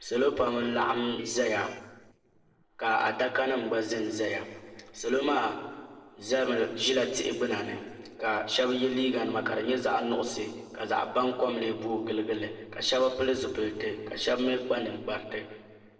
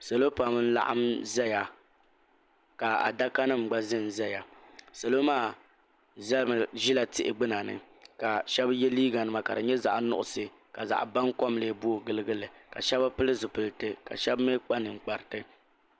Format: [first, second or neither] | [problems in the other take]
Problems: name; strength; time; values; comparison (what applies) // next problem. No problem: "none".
second | noise reduction (neural separator model SepFormer DNS4)